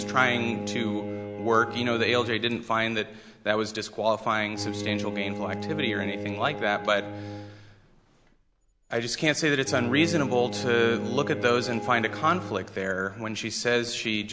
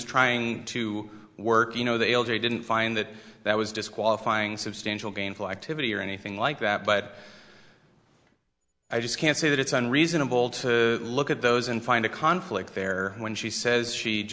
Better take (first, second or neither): second